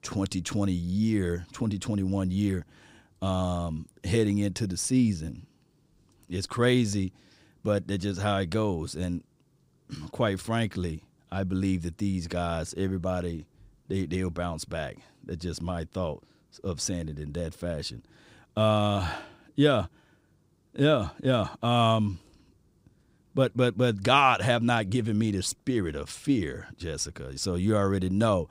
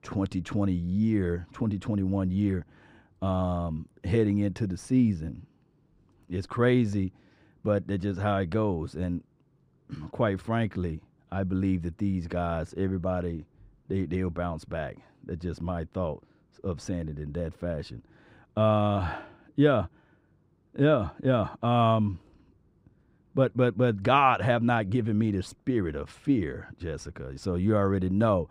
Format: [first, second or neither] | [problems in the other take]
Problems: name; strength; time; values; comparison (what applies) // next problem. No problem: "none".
first | muffled; slightly; fading above 3 kHz